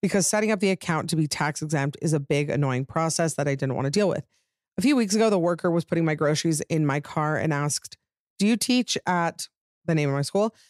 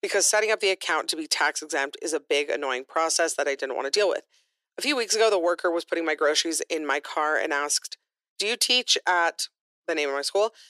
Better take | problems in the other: first | thin; very; fading below 350 Hz

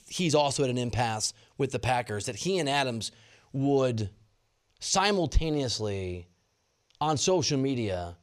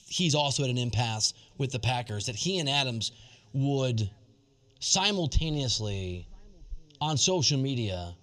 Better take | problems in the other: first | room echo; very slight; dies away in 3 s

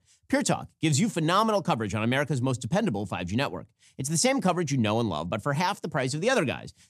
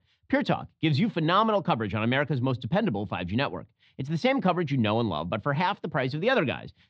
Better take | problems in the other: first | muffled; slightly; fading above 4 kHz

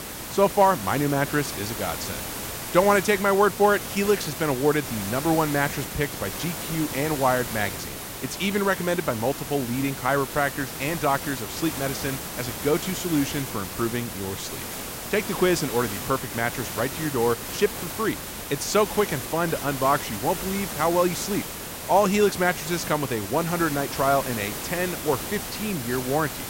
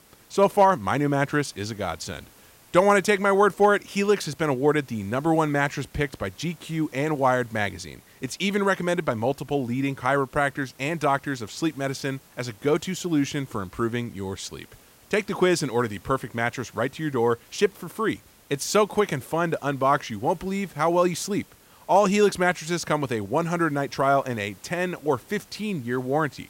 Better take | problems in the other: second | hiss; loud; throughout; 7 dB below the speech; faint in the second

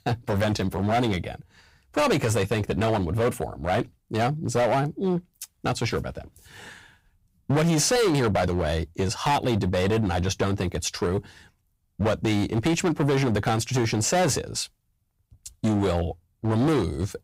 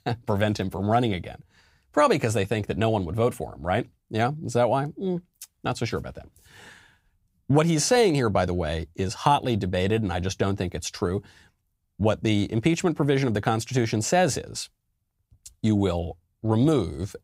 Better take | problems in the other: second | distortion; heavy; 13% of the sound clipped

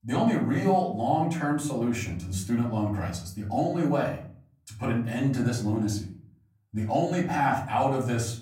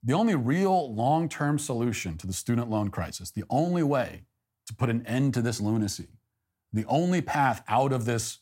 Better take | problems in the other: second | room echo; slight; dies away in 0.5 s // off-mic speech; far

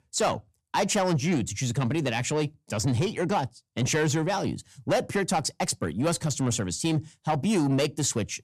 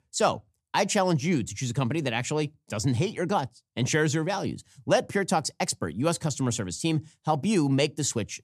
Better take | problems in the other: second | distortion; slight; 10 dB below the speech

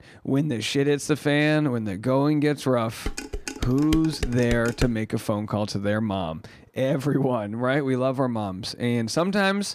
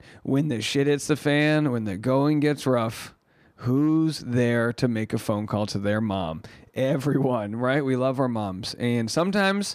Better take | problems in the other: second | clattering dishes; noticeable; from 3 to 5 s; peak 7 dB below the speech

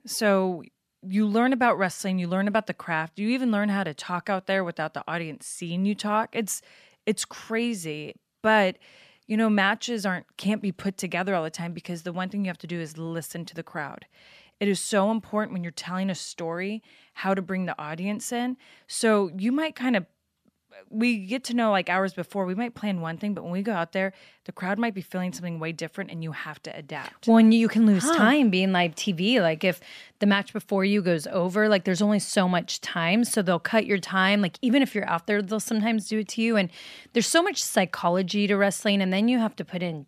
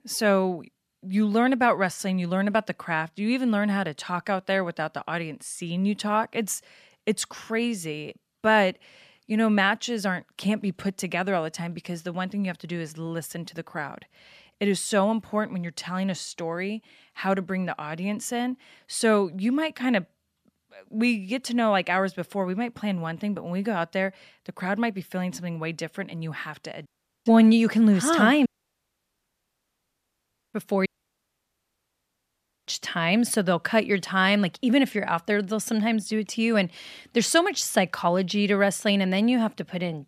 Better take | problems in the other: first | audio cutting out; at 27 s, at 28 s for 2 s and at 31 s for 2 s

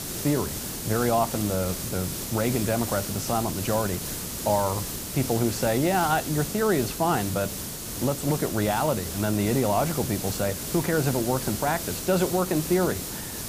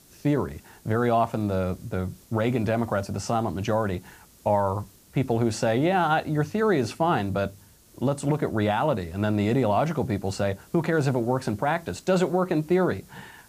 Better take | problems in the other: second | hiss; loud; throughout; 5 dB below the speech; faint in the second

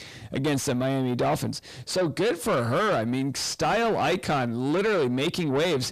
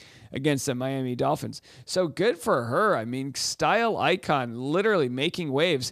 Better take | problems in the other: second | distortion; heavy; 7 dB below the speech

